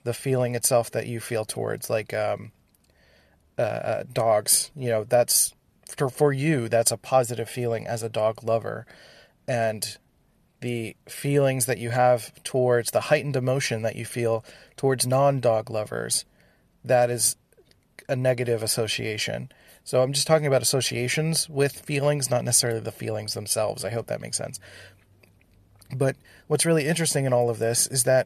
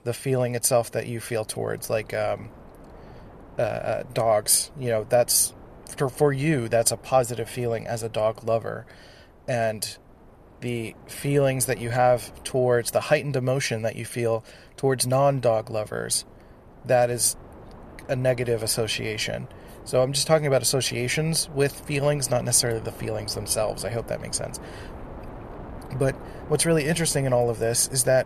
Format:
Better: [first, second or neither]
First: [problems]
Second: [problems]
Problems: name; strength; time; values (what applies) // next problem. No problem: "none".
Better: first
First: none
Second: wind noise on the microphone; occasional gusts; 20 dB below the speech